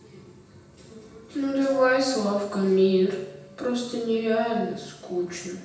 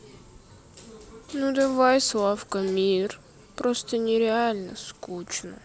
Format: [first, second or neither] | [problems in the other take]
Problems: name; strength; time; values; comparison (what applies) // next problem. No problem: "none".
second | background sound (Doorbell); 17 dB below the speech // room echo; dies away in 0.9 s